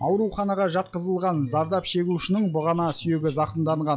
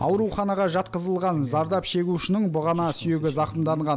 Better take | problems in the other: second | noise reduction (classical method log-MMSE)

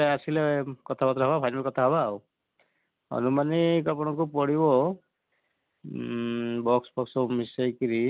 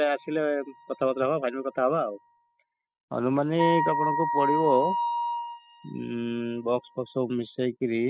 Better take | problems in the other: first | noise reduction (classical method spectral subtraction)

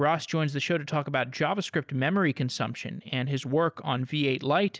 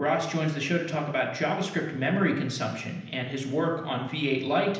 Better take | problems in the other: first | room echo; dies away in 0.9 s

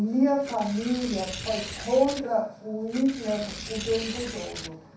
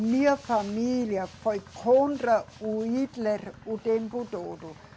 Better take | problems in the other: second | background sound (Tearing); 11 dB below the speech // room echo; dies away in 0.7 s

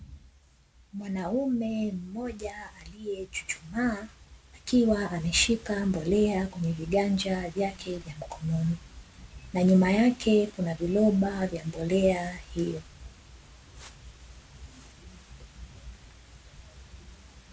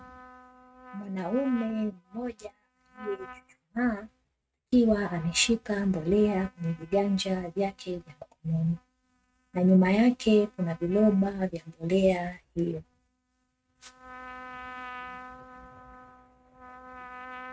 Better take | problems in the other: first | noise reduction (neural mask model RNNoise)

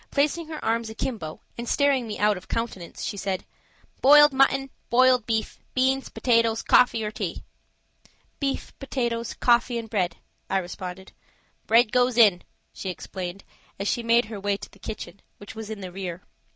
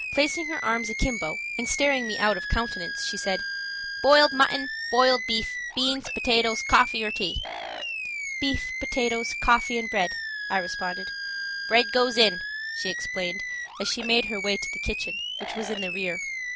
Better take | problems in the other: first | background sound (Animal); 6 dB below the speech

